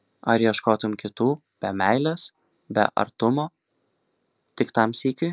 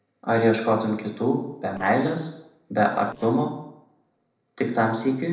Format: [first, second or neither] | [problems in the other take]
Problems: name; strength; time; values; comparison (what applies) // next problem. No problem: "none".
first | noise reduction (neural separator model SepFormer DNS4)